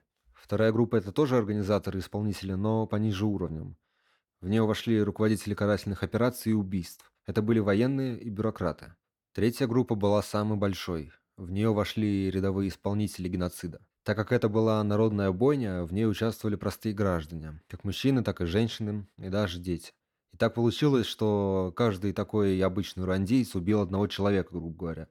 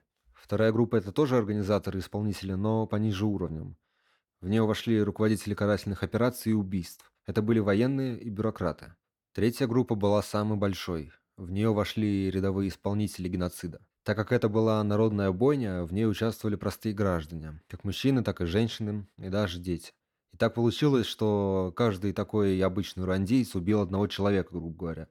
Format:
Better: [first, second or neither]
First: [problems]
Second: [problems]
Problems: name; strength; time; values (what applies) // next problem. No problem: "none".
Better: neither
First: none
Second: none